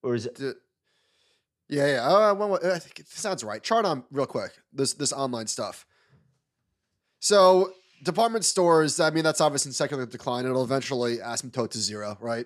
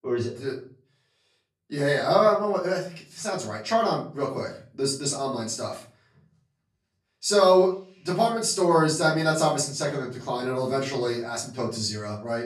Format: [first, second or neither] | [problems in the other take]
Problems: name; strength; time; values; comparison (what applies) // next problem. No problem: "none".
first | off-mic speech; far // room echo; slight; dies away in 0.4 s